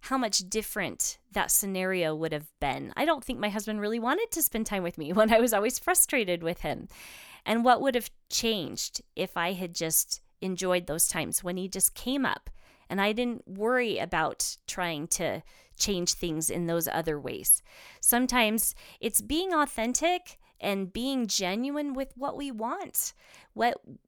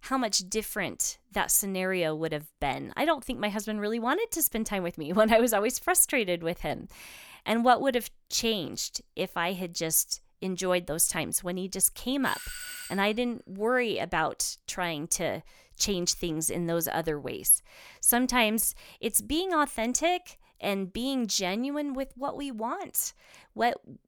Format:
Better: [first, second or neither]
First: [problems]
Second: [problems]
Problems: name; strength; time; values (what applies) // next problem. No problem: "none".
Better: first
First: none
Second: doorbell; noticeable; at 12 s; peak 10 dB below the speech